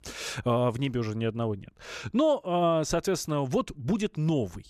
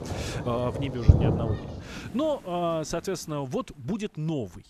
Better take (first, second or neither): first